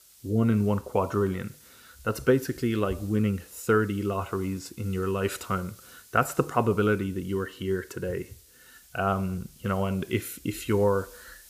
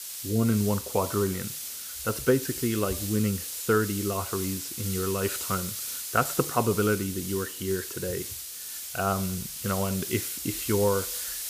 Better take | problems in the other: first | hiss; loud; throughout; 5 dB below the speech; faint in the first

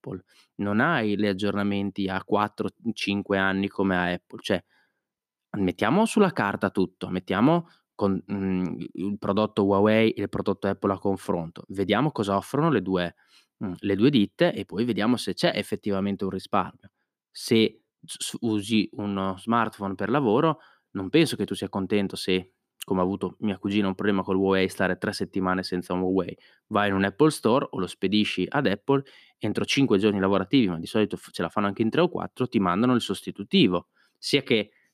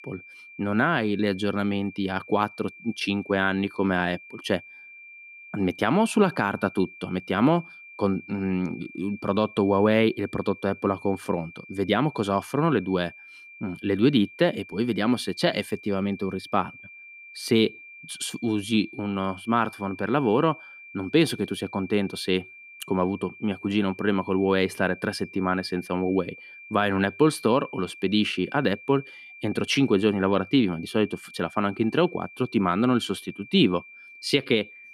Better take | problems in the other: first | high-pitched whine; noticeable; throughout; 2.5 kHz, 20 dB below the speech

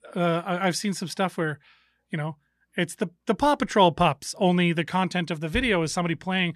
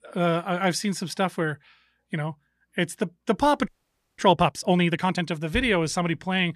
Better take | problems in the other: first | audio freezing; at 3.5 s

